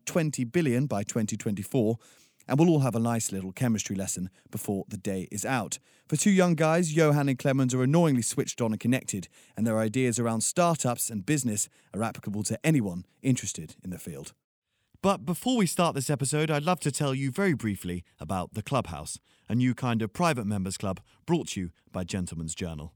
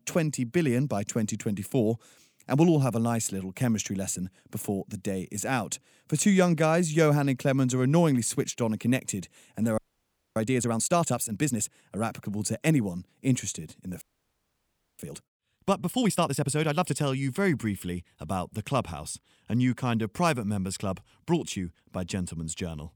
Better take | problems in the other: first | audio freezing; at 10 s for 0.5 s and at 14 s for 1 s

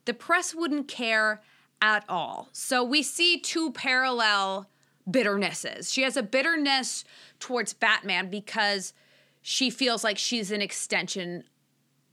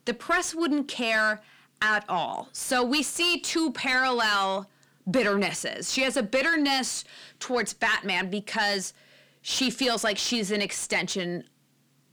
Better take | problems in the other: first | distortion; slight; 10 dB below the speech

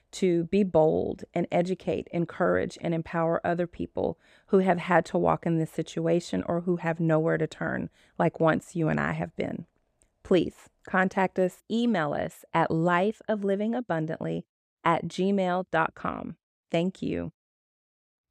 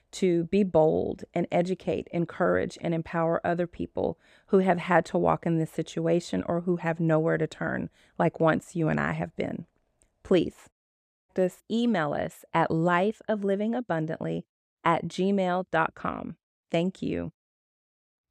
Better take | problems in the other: first | audio cutting out; at 11 s for 0.5 s

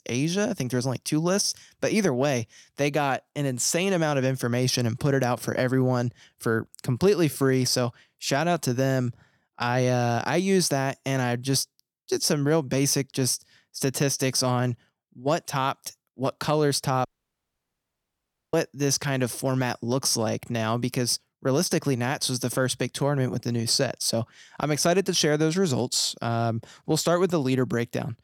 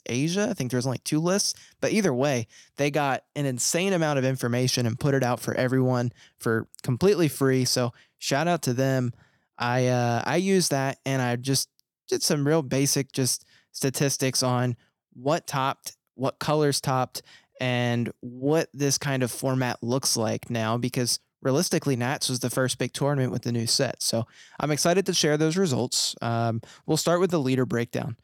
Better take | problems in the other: second | audio cutting out; at 17 s for 1.5 s

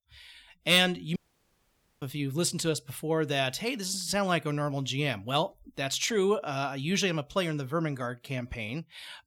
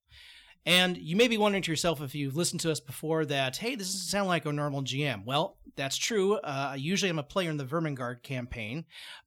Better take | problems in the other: second | audio cutting out; at 1 s for 1 s

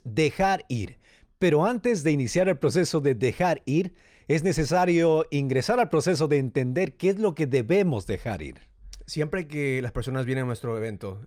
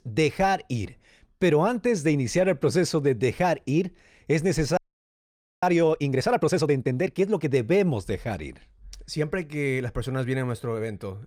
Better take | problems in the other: first | audio freezing; at 5 s for 1 s

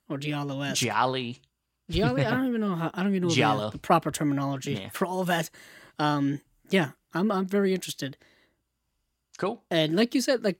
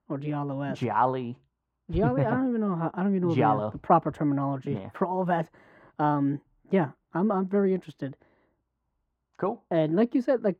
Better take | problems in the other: first | muffled; very; fading above 2.5 kHz

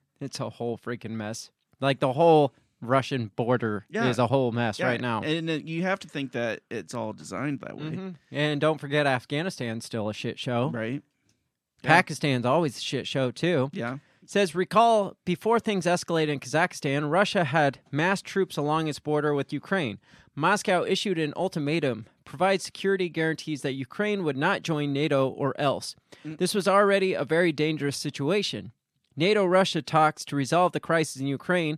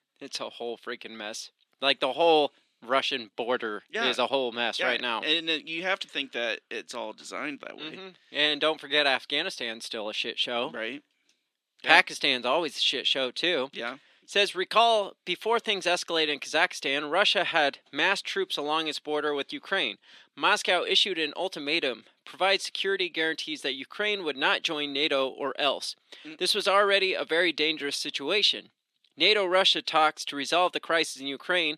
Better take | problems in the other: first | thin; somewhat; fading below 300 Hz

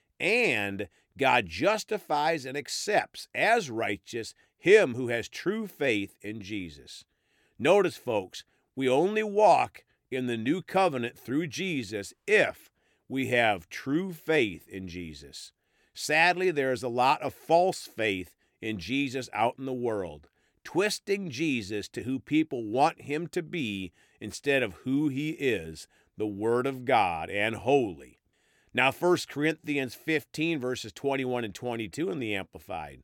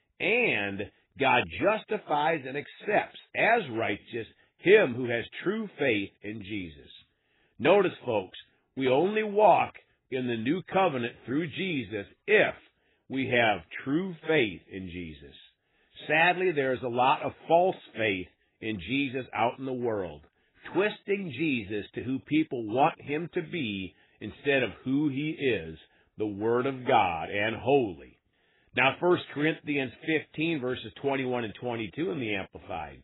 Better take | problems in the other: first | garbled, watery; badly; nothing above 4 kHz

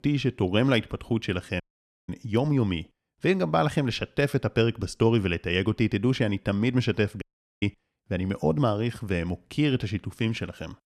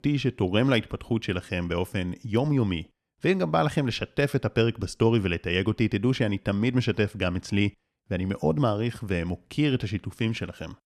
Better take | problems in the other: second | audio cutting out; at 1.5 s and at 7 s

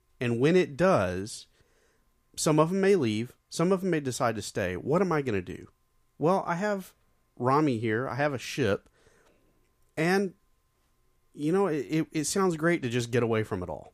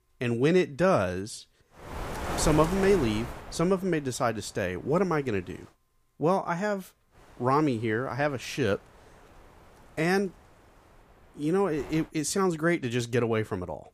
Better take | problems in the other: first | wind noise on the microphone; heavy; from 1.5 to 5.5 s and from 7 to 12 s; 8 dB below the speech

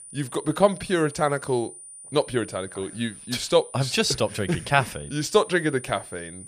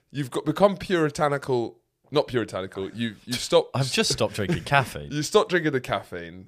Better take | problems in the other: second | high-pitched whine; noticeable; throughout; 9.5 kHz, 15 dB below the speech

